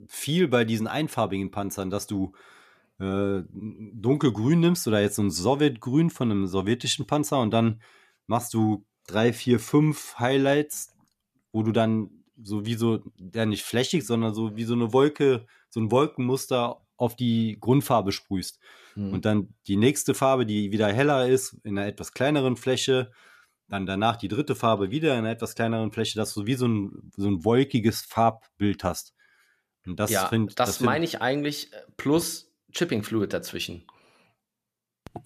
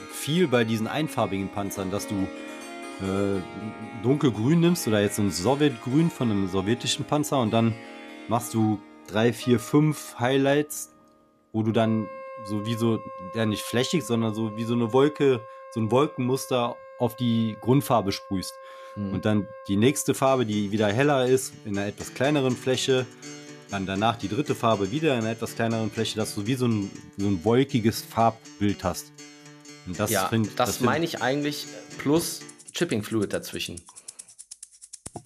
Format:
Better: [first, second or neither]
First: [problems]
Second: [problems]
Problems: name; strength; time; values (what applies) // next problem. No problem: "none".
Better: first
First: none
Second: background music; noticeable; throughout; 15 dB below the speech